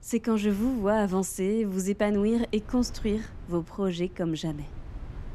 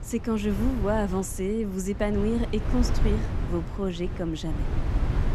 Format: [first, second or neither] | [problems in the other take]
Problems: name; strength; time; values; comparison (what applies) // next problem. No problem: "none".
first | wind noise on the microphone; heavy; 9 dB below the speech; occasional gusts in the first